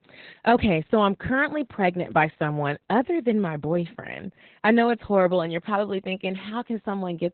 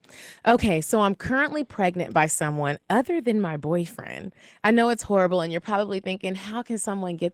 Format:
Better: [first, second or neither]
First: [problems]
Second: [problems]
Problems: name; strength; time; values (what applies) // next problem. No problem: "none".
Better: second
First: garbled, watery; badly; nothing above 4 kHz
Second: garbled, watery; slightly; nothing above 15.5 kHz